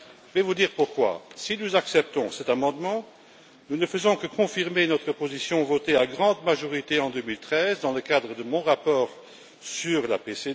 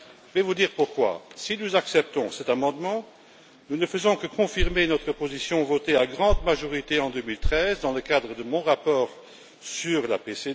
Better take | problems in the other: first | background sound (Thump, thud); 4 dB below the speech

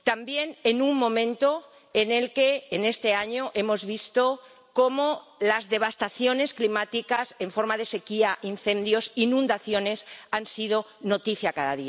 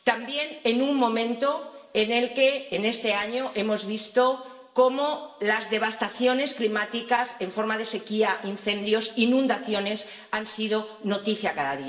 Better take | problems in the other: first | room echo; dies away in 0.9 s

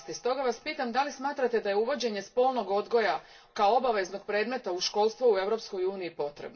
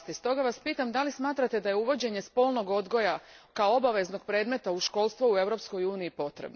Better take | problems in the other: second | room echo; dies away in 0.2 s

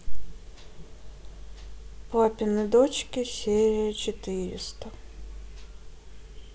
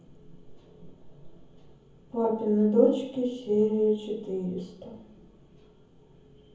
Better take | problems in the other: first | room echo; dies away in 0.7 s

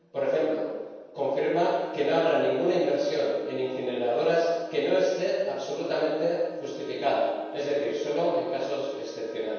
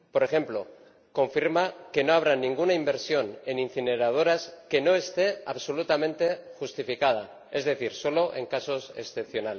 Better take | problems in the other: second | background sound (Bowed string instrument); 18 dB below the speech // room echo; dies away in 1.2 s

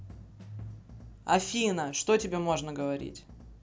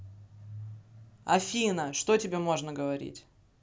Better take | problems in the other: second | background sound (Drum / Drum kit); 19 dB below the speech

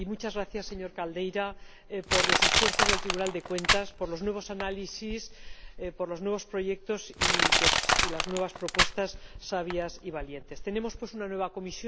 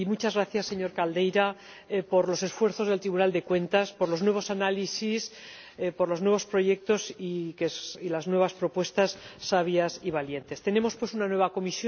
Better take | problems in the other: second | background sound (Crushing); 3 dB above the speech

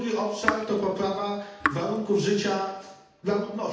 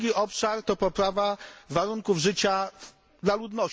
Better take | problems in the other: second | background sound (Raindrop / Drip); 5 dB below the speech // room echo; dies away in 0.8 s

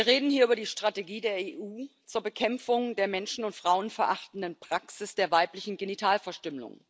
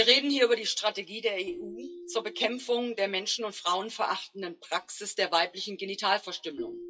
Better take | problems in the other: first | noise reduction (classical method WPE with log-MMSE)

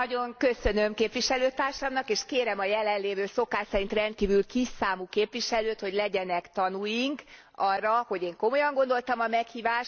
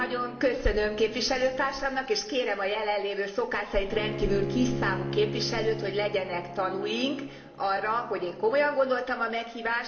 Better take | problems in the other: first | background sound (Bowed string instrument); 10 dB below the speech // room echo; dies away in 1.6 s

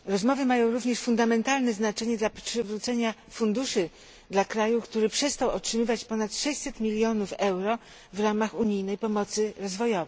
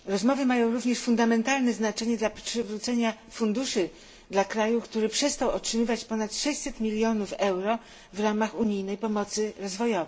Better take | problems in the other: first | room echo; dies away in 0.4 s

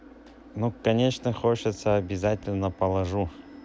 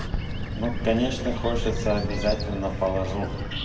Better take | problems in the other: first | background sound (Bird); 1 dB below the speech // room echo; dies away in 2.2 s

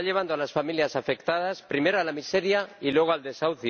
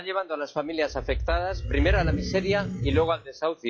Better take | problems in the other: first | noise reduction (classical method log-MMSE)

